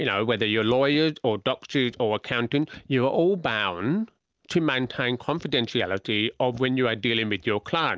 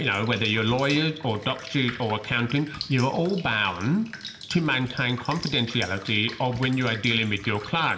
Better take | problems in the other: first | background sound (Drip); 16 dB below the speech // room echo; dies away in 0.8 s

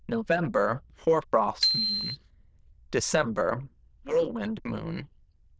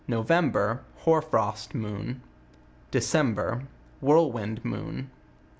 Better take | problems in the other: second | noise reduction (neural diffusion model UNIVERSE++)

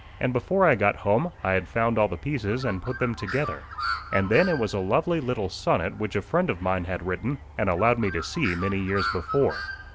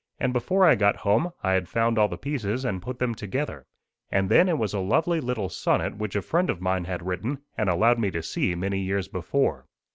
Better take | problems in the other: second | background sound (Bird); 11 dB below the speech

